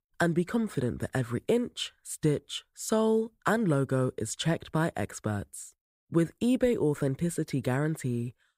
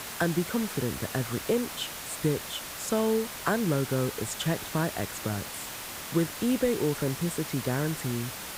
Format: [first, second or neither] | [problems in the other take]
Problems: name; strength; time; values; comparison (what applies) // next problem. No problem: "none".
first | hiss; loud; throughout; 6 dB below the speech